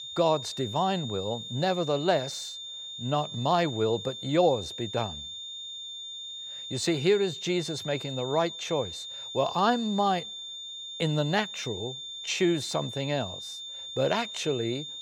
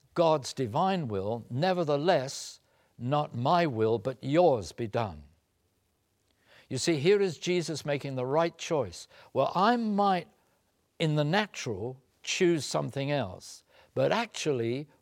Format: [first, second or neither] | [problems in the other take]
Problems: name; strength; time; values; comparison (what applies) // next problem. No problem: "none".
second | high-pitched whine; loud; throughout; 3.5 kHz, 8 dB below the speech